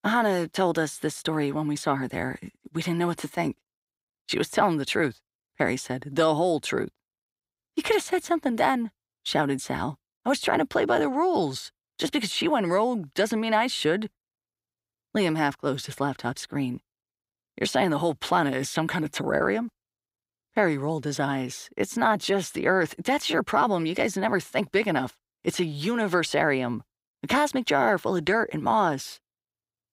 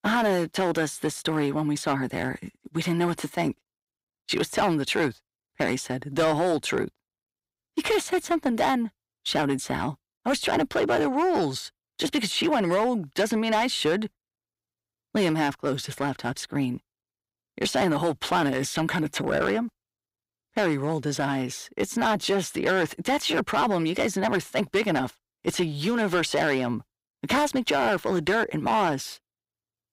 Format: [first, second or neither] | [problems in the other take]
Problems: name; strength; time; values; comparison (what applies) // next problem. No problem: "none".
first | distortion; slight; 6% of the sound clipped